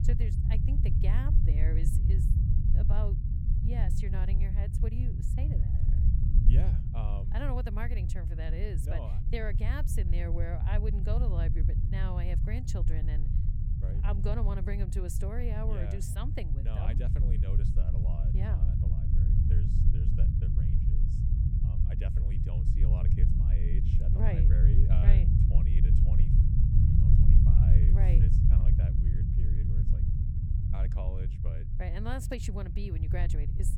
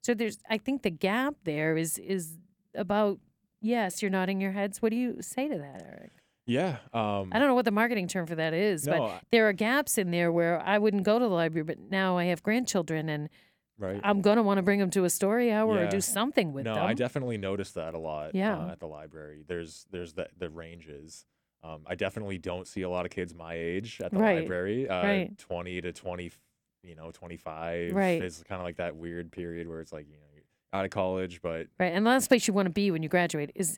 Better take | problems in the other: second | low rumble; loud; throughout; as loud as the speech

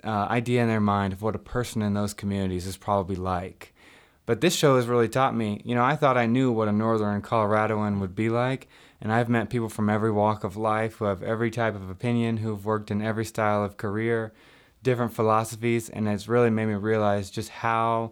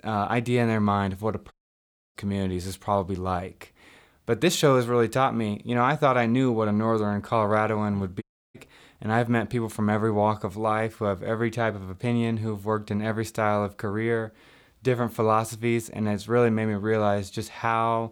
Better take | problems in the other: first | audio cutting out; at 1.5 s for 0.5 s and at 8 s

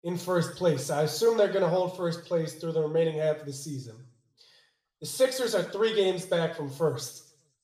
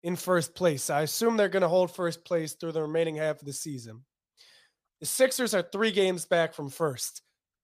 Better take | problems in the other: second | room echo; slight; dies away in 0.5 s // off-mic speech; somewhat distant

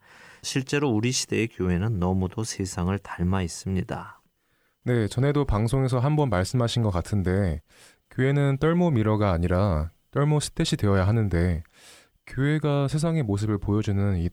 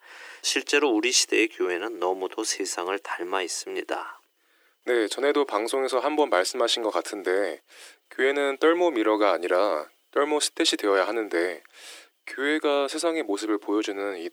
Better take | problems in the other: first | thin; very; fading below 300 Hz

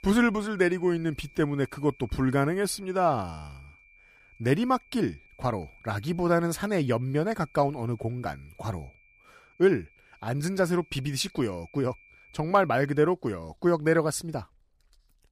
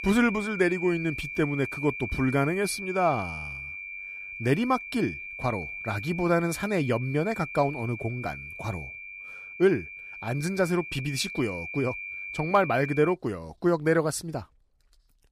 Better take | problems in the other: first | high-pitched whine; loud; until 13 s; 2.5 kHz, 9 dB below the speech; faint in the first

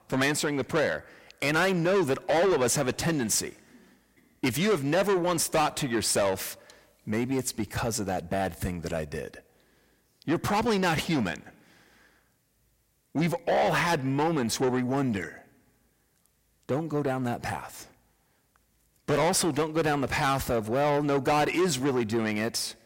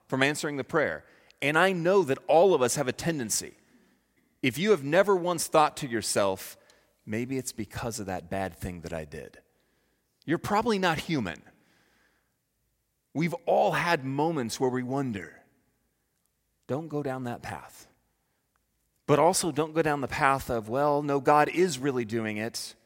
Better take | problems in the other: second | distortion; heavy; 6 dB below the speech

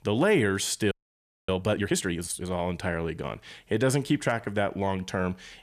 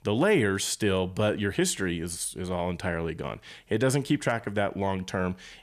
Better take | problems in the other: second | audio freezing; at 1 s for 0.5 s

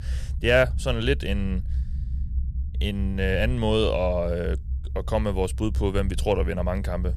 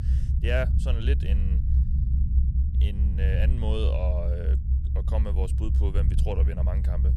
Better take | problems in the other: first | low rumble; loud; throughout; 7 dB below the speech; faint in the first

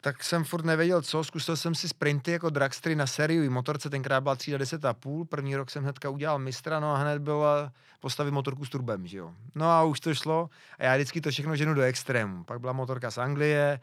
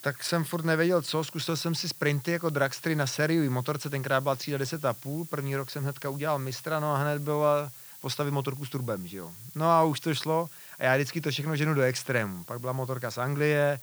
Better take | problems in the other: first | hiss; noticeable; throughout; 15 dB below the speech

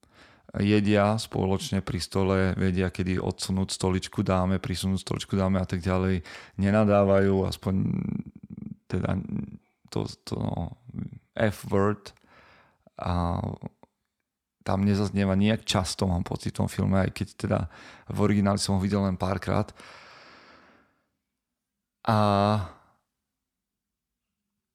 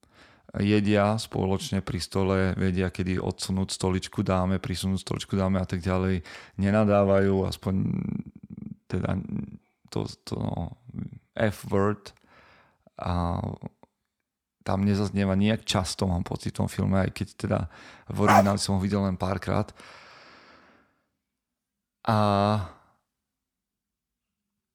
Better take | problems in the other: first | dog barking; loud; at 18 s; peak 5 dB above the speech

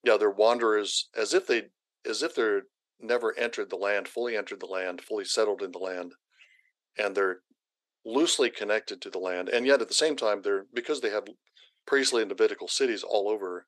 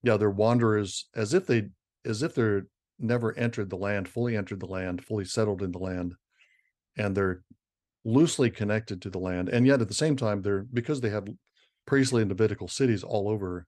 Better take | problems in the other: second | thin; very; fading below 400 Hz

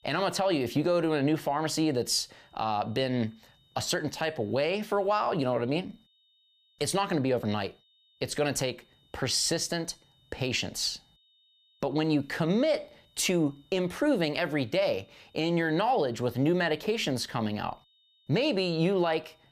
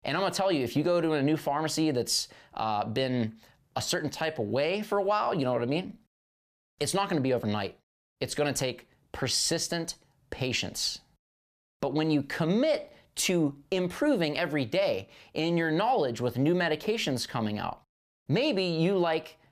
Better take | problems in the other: second | high-pitched whine; faint; throughout; 3.5 kHz, 35 dB below the speech

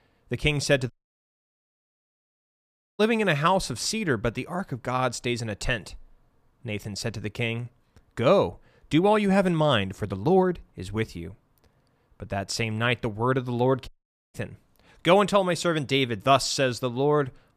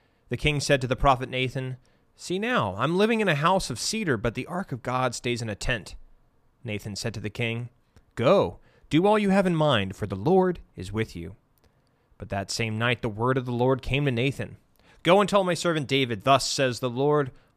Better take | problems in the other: second | audio cutting out; at 1 s for 2 s and at 14 s

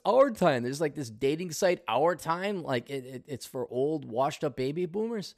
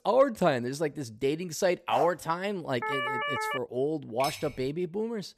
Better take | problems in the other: first | dog barking; noticeable; at 2 s; peak 4 dB below the speech // siren; noticeable; at 3 s; peak level with the speech // clattering dishes; noticeable; at 4 s; peak 8 dB below the speech

